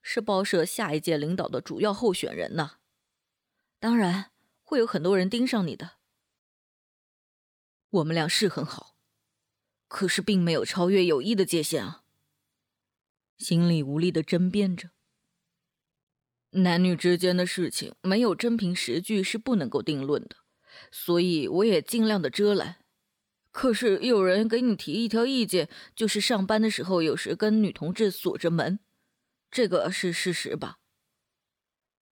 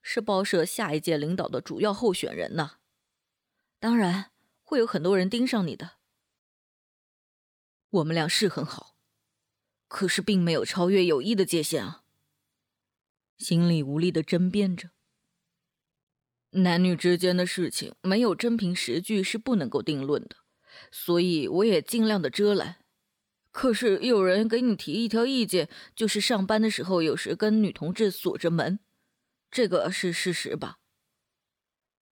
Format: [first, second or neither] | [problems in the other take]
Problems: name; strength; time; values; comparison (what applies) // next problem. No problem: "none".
neither | none